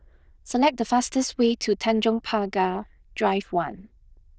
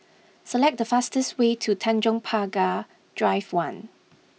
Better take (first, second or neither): second